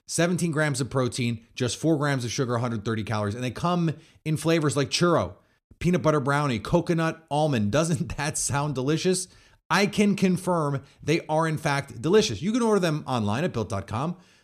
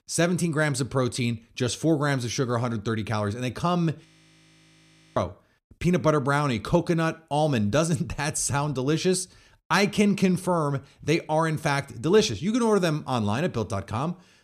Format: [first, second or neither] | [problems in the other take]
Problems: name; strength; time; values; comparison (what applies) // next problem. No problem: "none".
first | audio freezing; at 4 s for 1 s